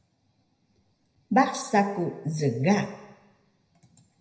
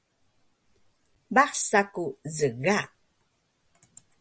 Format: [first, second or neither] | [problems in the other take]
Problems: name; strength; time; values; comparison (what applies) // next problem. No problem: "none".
second | room echo; dies away in 0.7 s